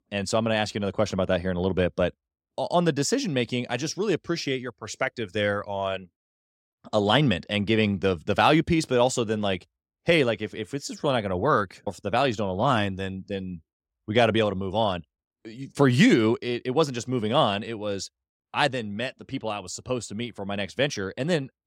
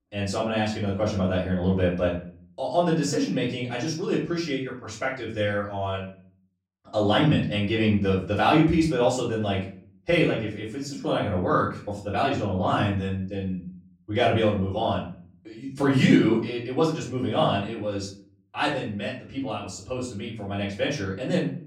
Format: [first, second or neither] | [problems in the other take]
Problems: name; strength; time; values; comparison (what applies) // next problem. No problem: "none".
first | off-mic speech; far // room echo; noticeable; dies away in 0.5 s